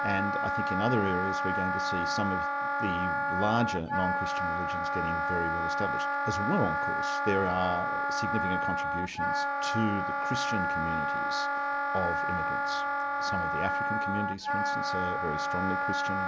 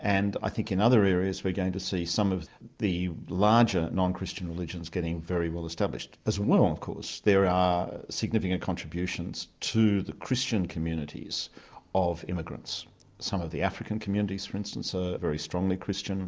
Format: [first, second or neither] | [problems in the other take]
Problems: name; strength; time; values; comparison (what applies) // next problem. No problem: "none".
second | background sound (Wind instrument, woodwind instrument); 4 dB above the speech